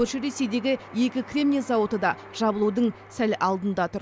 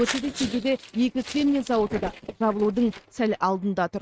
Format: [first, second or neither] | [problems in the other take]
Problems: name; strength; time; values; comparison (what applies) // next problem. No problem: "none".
first | noise reduction (neural mask model RNNoise)